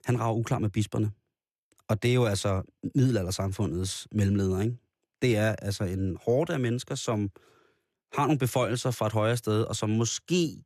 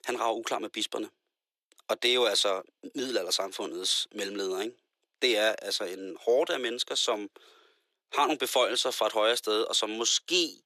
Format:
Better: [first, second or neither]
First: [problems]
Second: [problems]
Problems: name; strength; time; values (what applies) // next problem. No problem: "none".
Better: first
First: none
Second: thin; very; fading below 400 Hz